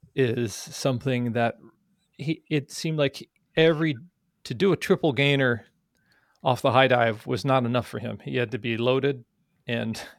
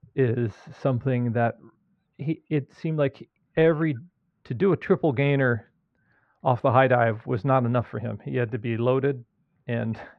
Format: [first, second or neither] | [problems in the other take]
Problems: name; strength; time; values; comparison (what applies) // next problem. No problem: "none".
first | muffled; very; fading above 1.5 kHz